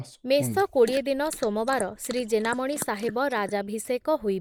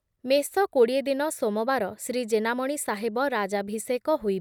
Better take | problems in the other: second | noise reduction (neural mask model Resemble Enhance denoiser)

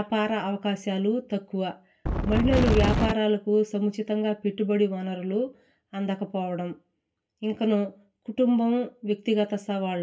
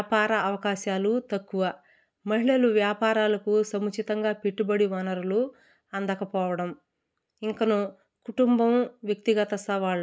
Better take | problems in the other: second | background sound (Wind); 3 dB above the speech // room echo; dies away in 0.2 s

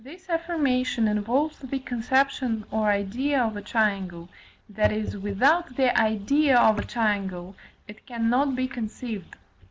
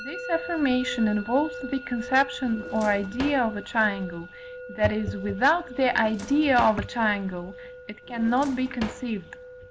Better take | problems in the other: first | background sound (Musical instrument + Drawer open or close); 13 dB below the speech

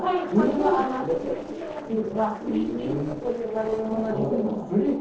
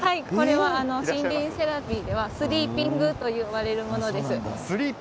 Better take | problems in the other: second | noise reduction (neural separator model SepFormer DNS4)

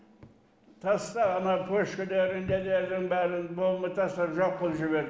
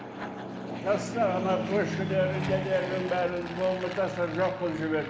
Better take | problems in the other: first | background sound (Fixed-wing aircraft, airplane); 6 dB below the speech

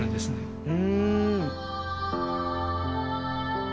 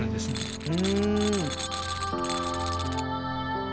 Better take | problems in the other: first | background sound (Tools); 9 dB below the speech

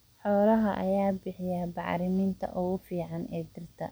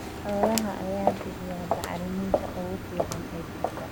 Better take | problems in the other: first | background sound (Walk, footsteps); 1 dB above the speech

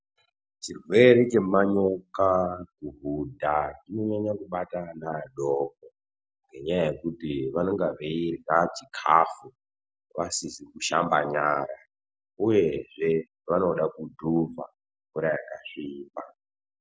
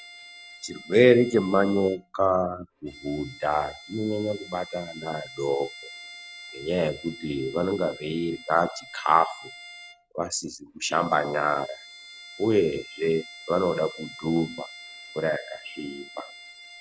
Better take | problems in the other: first | background sound (Bowed string instrument); 18 dB below the speech

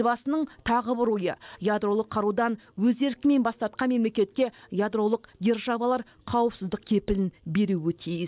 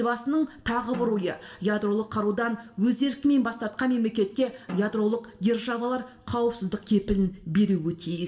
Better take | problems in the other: first | background sound (Drum); 18 dB below the speech // room echo; dies away in 0.6 s

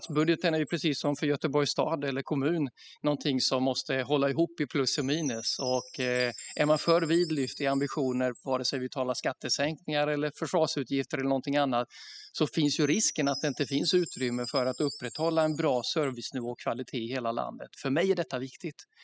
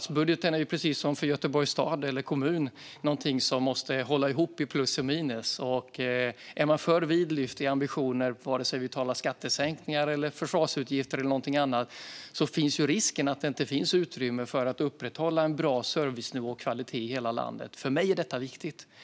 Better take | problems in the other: second | noise reduction (classical method spectral subtraction)

